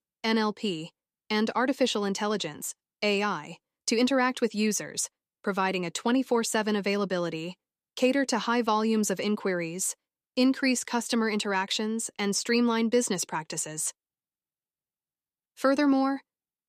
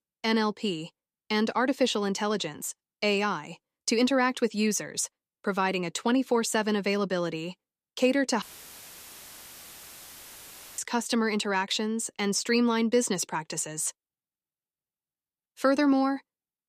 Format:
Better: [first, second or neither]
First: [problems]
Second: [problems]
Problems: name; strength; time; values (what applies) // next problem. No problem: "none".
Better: first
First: none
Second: audio cutting out; filled with static; at 8.5 s for 2.5 s